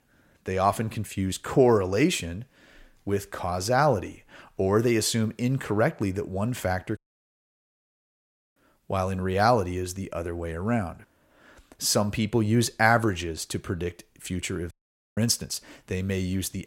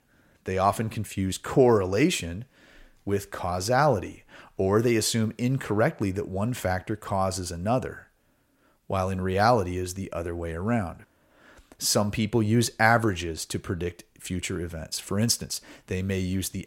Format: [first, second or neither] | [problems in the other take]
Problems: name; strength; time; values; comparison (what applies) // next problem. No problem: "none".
second | audio cutting out; at 7 s for 1.5 s and at 15 s